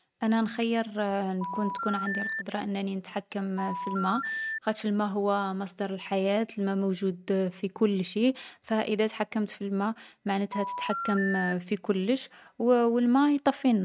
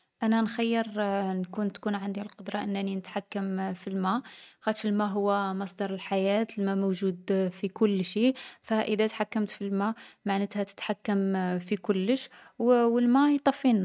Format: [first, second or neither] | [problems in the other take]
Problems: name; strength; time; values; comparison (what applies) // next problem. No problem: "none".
second | background sound (Telephone); 5 dB below the speech